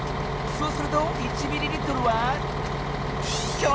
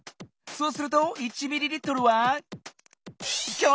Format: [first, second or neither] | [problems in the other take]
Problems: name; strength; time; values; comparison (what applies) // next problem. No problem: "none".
second | background sound (Bus); 1 dB above the speech